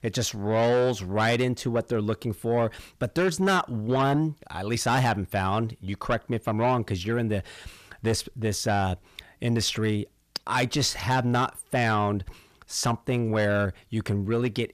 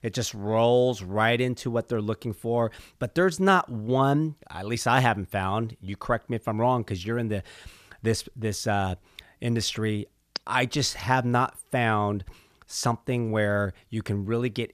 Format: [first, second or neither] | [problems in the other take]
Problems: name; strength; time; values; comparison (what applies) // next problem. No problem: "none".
second | distortion; slight; 10 dB below the speech